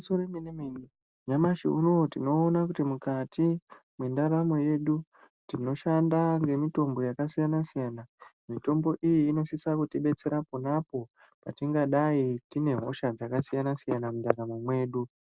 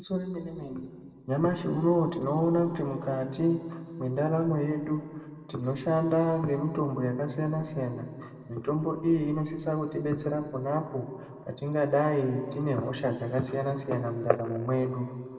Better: first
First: none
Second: room echo; dies away in 2 s

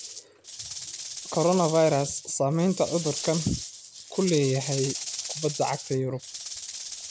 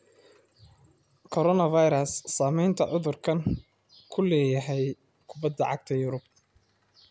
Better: second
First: background sound (Rattle / Rattle (instrument)); 9 dB below the speech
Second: none

